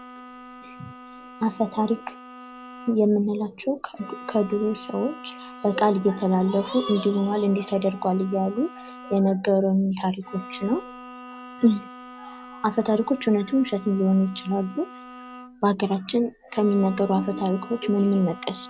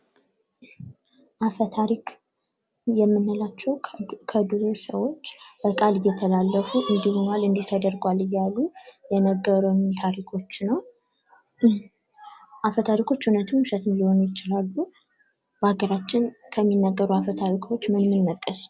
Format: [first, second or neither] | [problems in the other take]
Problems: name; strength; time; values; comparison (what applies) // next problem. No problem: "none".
second | background sound (Bowed string instrument); 18 dB below the speech